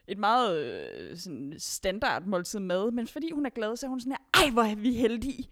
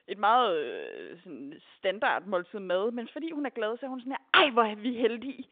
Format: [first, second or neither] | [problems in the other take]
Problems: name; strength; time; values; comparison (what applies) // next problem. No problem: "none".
first | phone-call audio